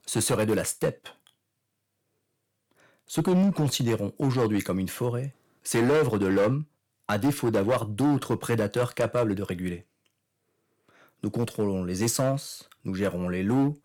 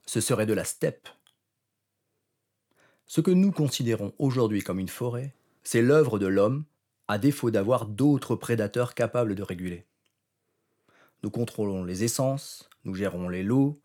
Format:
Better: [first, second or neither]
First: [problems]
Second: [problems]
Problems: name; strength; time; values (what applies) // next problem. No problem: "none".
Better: second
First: distortion; slight; 6% of the sound clipped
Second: none